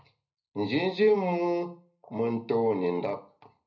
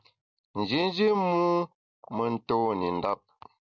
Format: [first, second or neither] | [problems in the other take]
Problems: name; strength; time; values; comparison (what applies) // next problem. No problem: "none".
second | room echo; dies away in 0.3 s